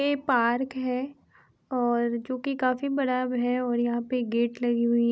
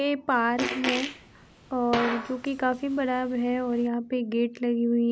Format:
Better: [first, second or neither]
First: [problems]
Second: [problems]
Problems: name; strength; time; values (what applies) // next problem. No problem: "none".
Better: first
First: none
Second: background sound (Fart); 9 dB below the speech